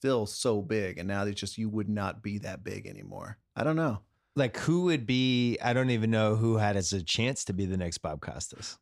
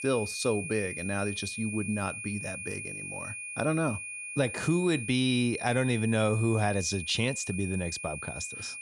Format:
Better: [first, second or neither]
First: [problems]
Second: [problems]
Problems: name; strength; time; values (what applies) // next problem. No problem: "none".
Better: first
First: none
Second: high-pitched whine; loud; throughout; 2.5 kHz, 7 dB below the speech